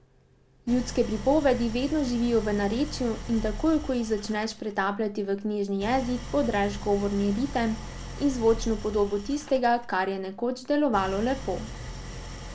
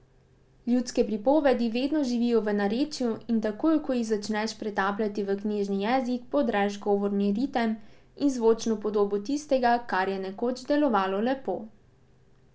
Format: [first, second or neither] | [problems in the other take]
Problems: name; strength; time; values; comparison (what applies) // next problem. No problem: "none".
second | background sound (Idling); 12 dB below the speech